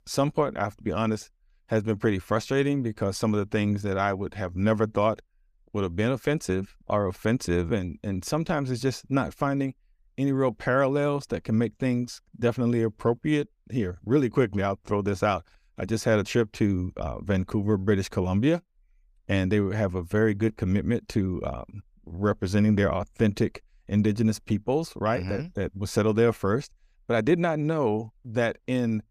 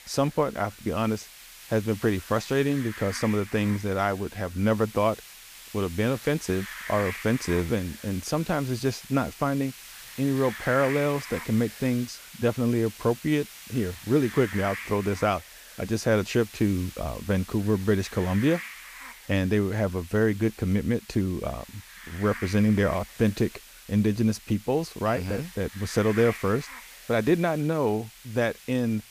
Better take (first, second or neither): first